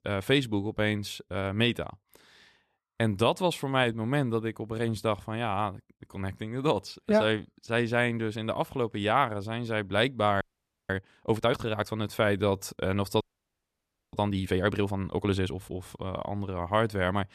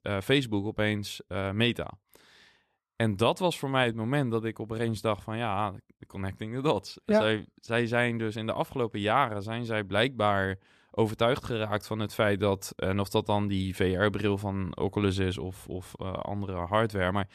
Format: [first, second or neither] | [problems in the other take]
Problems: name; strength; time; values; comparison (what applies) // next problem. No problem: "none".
second | audio freezing; at 10 s and at 13 s for 1 s